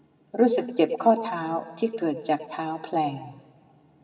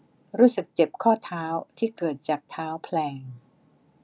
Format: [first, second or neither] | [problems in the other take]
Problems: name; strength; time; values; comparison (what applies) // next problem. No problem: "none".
second | room echo; dies away in 1.2 s